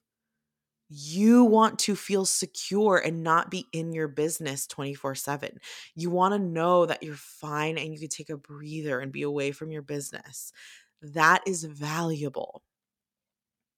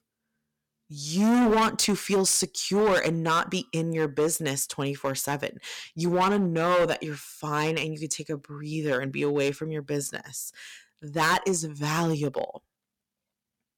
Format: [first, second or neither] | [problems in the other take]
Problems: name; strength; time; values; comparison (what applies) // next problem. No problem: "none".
first | distortion; heavy; 7% of the sound clipped